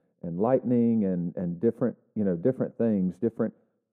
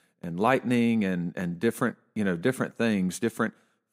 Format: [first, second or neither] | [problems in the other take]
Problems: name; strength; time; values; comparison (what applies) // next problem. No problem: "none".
second | muffled; very; fading above 1.5 kHz